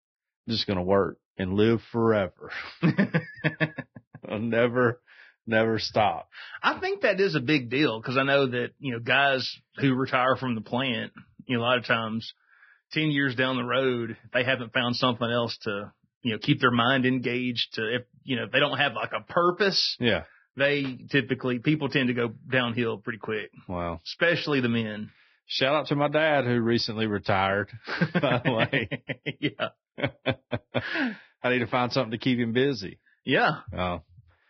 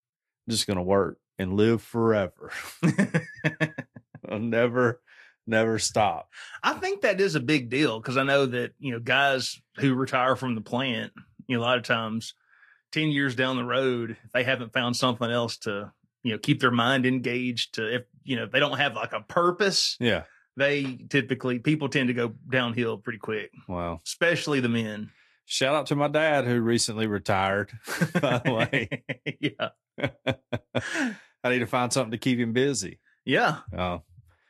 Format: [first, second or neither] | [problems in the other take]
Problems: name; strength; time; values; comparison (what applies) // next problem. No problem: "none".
second | garbled, watery; badly; nothing above 5.5 kHz; slightly in the second